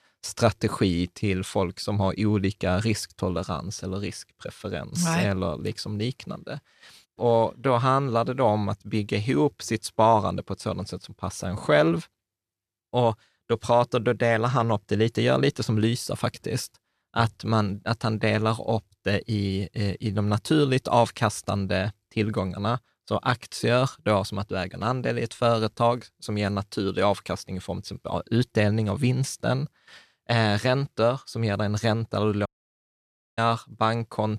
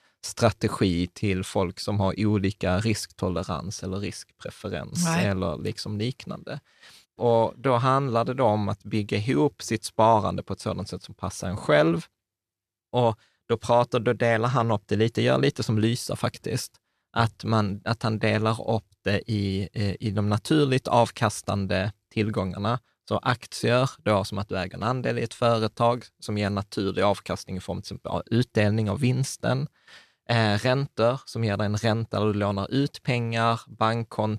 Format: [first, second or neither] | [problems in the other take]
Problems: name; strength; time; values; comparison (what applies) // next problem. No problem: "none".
second | audio cutting out; at 32 s for 1 s